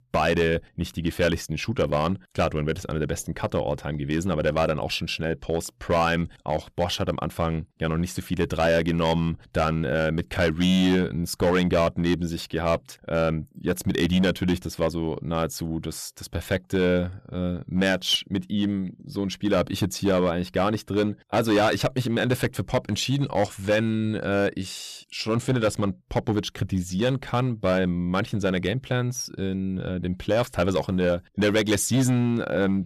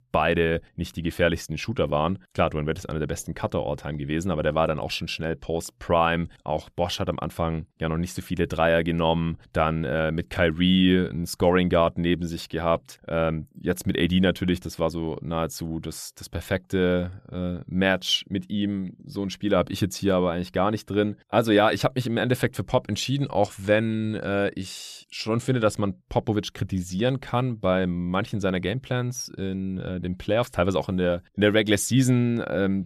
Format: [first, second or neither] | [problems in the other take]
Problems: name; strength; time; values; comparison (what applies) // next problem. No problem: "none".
second | distortion; slight; 6% of the sound clipped